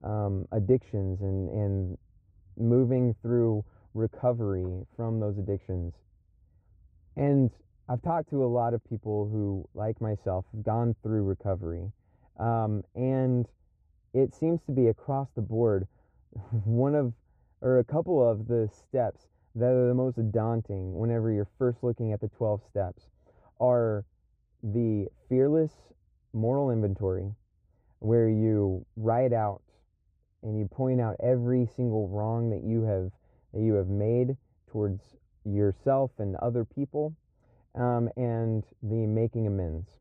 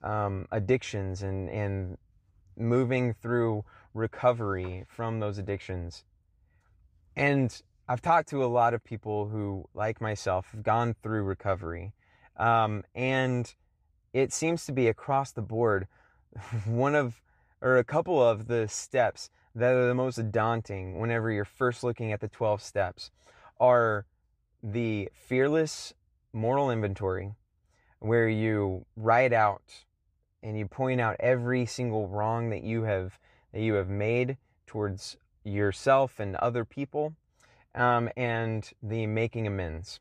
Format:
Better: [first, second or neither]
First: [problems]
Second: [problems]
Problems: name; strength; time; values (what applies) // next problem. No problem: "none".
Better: second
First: muffled; very; fading above 1 kHz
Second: none